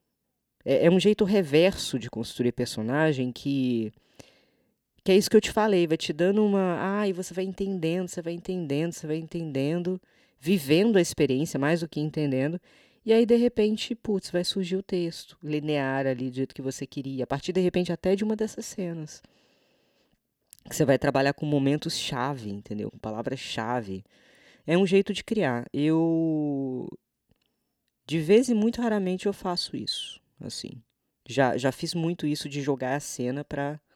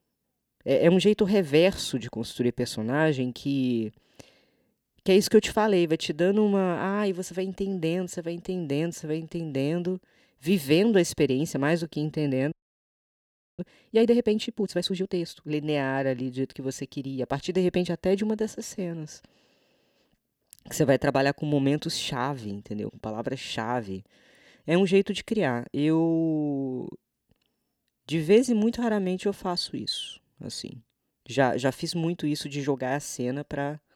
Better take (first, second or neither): first